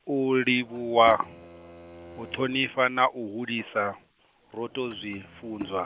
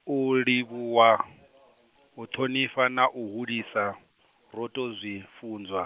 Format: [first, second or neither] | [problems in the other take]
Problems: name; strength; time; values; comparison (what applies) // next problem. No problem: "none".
second | background sound (Bowed string instrument + Drawer open or close / Wood); 19 dB below the speech